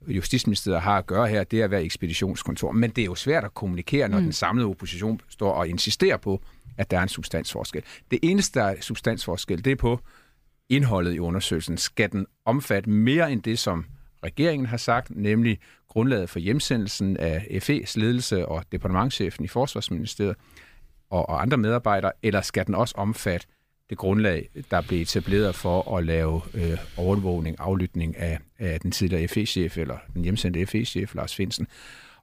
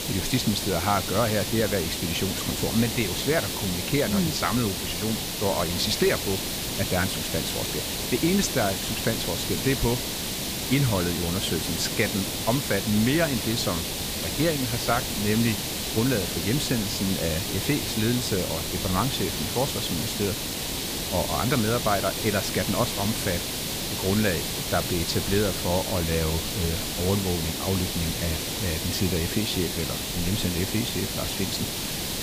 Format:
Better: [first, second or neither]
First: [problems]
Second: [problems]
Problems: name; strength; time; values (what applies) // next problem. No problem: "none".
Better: first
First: none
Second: hiss; loud; throughout; 1 dB below the speech